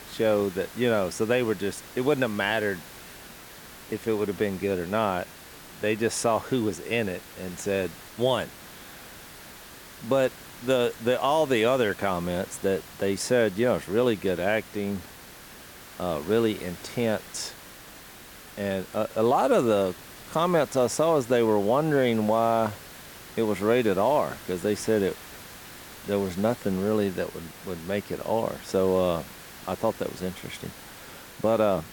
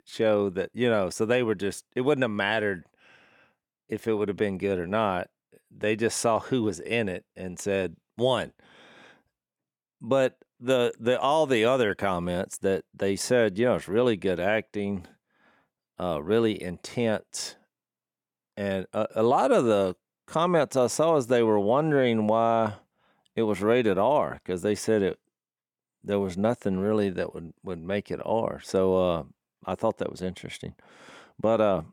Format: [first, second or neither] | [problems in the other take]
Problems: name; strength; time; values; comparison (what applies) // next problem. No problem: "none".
second | hiss; noticeable; throughout; 15 dB below the speech